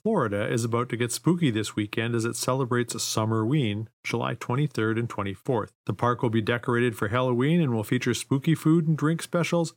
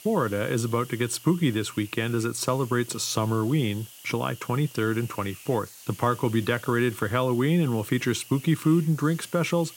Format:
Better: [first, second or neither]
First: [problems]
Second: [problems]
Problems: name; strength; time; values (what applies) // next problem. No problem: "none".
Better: first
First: none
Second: hiss; noticeable; throughout; 20 dB below the speech